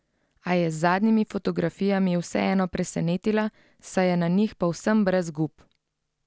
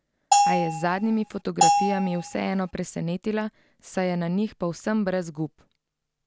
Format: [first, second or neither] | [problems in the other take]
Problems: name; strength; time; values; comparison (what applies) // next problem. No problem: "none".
first | background sound (Bell); 4 dB above the speech